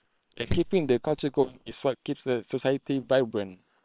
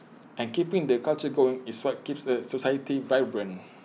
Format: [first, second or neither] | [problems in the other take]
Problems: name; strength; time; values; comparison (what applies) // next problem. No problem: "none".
second | noise reduction (neural separator model SepFormer WHAM!)